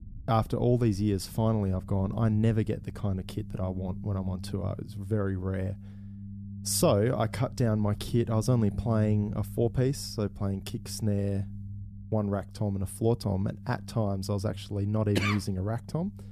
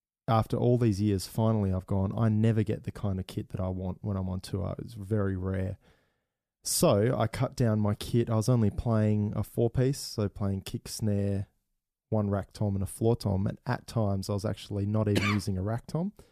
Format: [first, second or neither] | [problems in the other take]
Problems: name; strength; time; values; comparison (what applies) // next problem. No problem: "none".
second | low rumble; faint; throughout; 20 dB below the speech